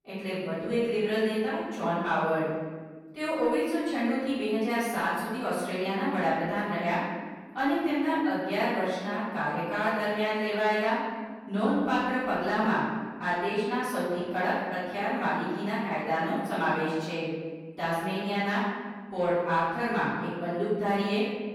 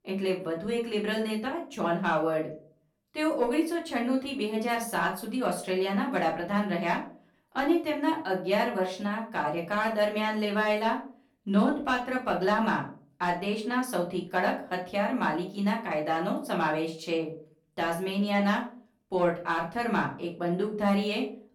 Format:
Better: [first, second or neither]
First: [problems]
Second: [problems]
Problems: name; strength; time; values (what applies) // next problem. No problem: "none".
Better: second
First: room echo; strong; dies away in 1.5 s // off-mic speech; far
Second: room echo; slight; dies away in 0.3 s // off-mic speech; far